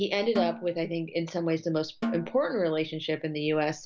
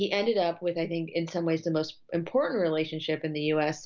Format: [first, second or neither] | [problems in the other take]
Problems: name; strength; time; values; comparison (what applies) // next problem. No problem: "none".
second | background sound (Snare drum); 10 dB below the speech